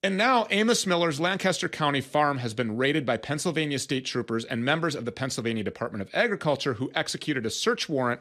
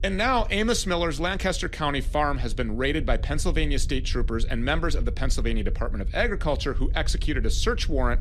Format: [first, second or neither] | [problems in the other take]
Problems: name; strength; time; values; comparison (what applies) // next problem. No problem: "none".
first | low rumble; faint; throughout; 25 dB below the speech